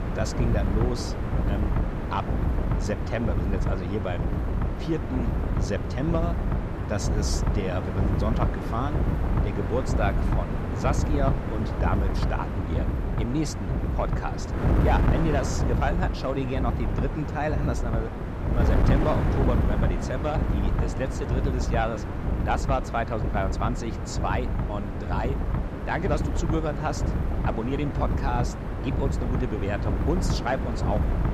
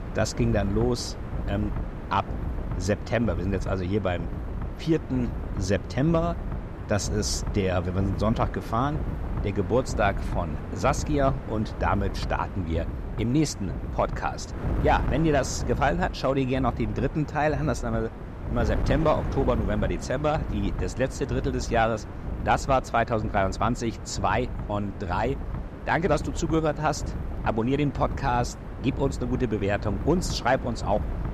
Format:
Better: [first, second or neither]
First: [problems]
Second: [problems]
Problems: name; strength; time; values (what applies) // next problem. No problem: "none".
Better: second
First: wind noise on the microphone; heavy; 3 dB below the speech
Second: wind noise on the microphone; occasional gusts; 15 dB below the speech